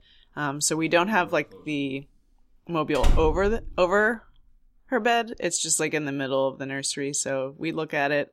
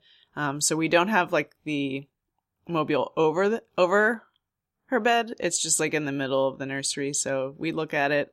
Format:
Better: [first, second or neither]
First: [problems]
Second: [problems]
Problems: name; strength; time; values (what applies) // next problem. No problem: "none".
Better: second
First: door banging; noticeable; at 3 s; peak 2 dB below the speech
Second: none